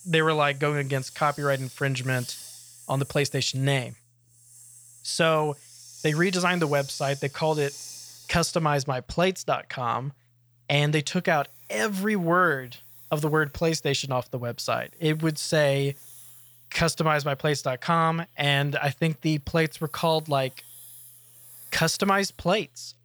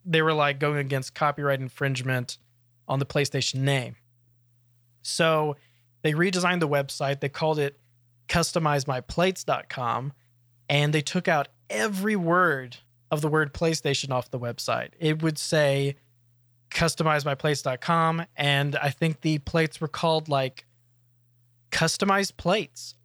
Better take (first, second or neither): second